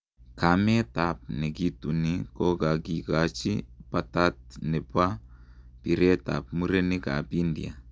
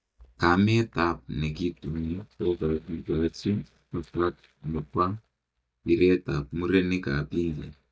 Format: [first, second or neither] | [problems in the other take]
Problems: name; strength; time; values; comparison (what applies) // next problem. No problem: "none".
first | noise reduction (neural mask model DeepFilterNet 3)